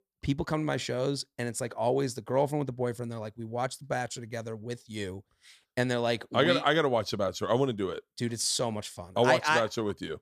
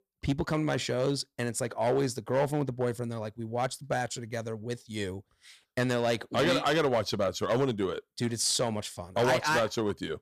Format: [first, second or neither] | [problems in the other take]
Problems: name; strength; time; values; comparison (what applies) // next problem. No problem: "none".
first | distortion; slight; 5% of the sound clipped